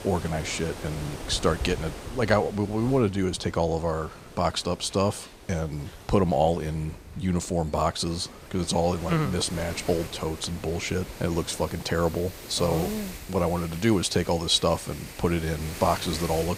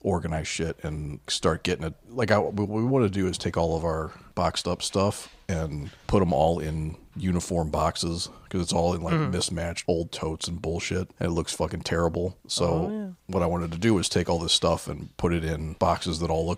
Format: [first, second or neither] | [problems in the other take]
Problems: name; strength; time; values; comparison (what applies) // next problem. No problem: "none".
second | wind noise on the microphone; occasional gusts; 15 dB below the speech